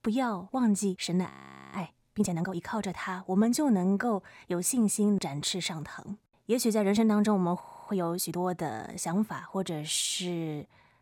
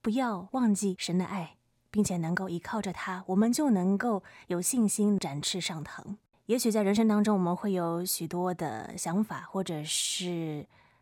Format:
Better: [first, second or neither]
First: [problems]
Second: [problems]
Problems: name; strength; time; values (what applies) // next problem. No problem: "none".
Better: second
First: audio freezing; at 1.5 s and at 7.5 s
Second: none